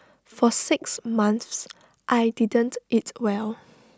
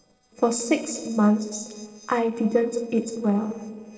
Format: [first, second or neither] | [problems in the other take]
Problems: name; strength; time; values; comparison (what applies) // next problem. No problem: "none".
first | noise reduction (neural separator model SepFormer DNS4)